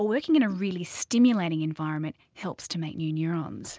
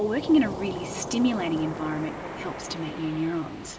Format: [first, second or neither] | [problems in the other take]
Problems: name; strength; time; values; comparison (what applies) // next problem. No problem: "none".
first | background sound (Waves, surf); 9 dB below the speech // room echo; dies away in 0.9 s